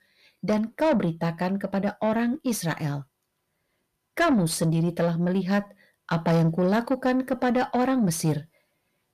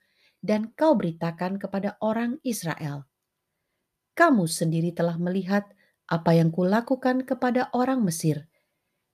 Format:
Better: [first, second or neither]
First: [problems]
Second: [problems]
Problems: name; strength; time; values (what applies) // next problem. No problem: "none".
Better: second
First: distortion; slight; 10 dB below the speech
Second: none